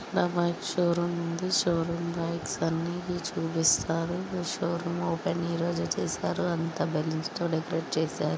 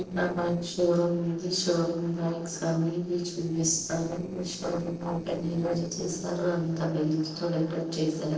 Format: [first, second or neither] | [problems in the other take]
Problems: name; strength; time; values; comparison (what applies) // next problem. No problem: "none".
first | noise reduction (neural separator model SepFormer DNS4)